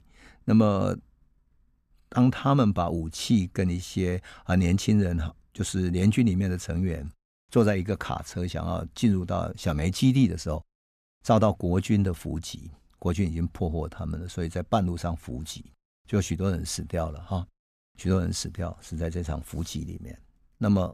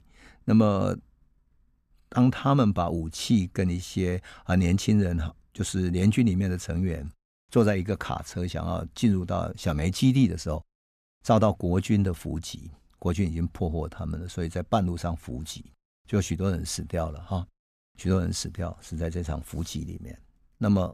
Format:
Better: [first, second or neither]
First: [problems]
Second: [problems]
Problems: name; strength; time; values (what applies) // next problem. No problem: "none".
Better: neither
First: none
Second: none